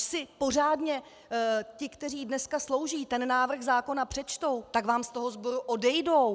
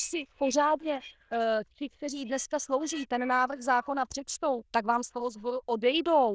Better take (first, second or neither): first